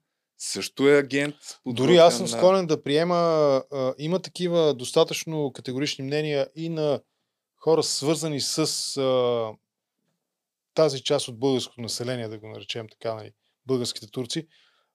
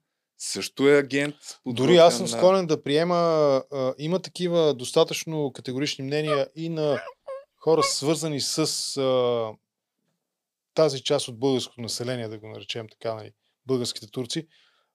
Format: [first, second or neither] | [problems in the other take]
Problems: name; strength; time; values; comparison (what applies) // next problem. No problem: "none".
first | dog barking; noticeable; from 6.5 to 8 s; peak 5 dB below the speech